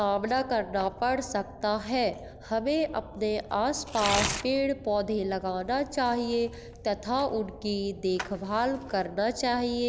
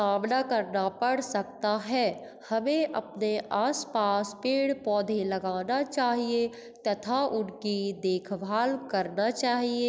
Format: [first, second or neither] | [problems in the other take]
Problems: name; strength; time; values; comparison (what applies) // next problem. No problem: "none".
second | background sound (Tearing); 12 dB below the speech